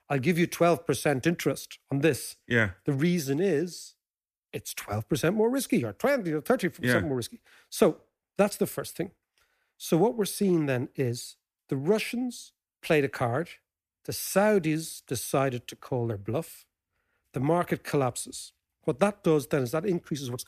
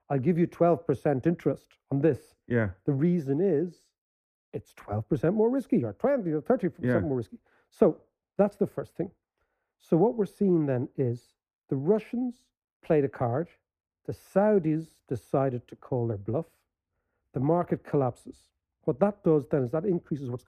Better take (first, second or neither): first